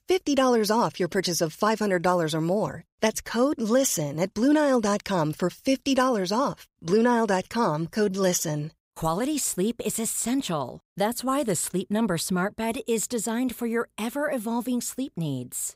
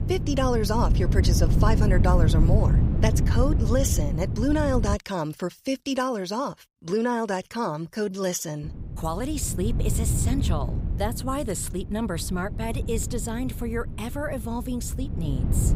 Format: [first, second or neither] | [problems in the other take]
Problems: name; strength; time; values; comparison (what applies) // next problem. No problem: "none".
first | wind noise on the microphone; heavy; until 5 s and from 8.5 s on; 8 dB below the speech